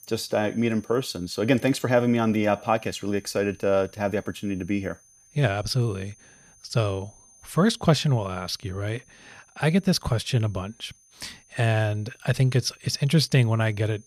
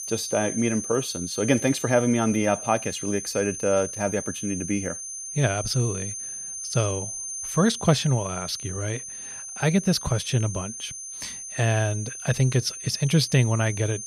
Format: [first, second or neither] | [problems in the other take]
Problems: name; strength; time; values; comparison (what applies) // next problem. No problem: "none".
first | high-pitched whine; loud; throughout; 6.5 kHz, 7 dB below the speech; faint in the first